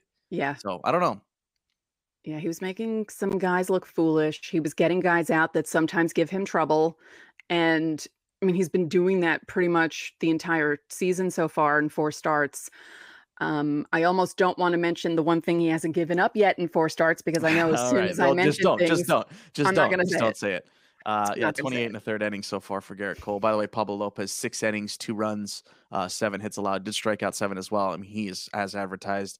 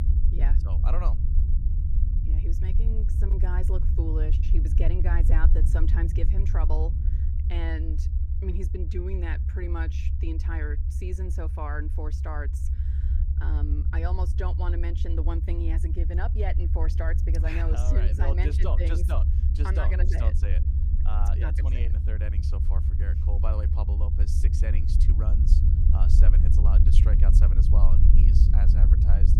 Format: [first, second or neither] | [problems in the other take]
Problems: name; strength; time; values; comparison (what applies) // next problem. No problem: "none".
first | low rumble; loud; throughout; 4 dB below the speech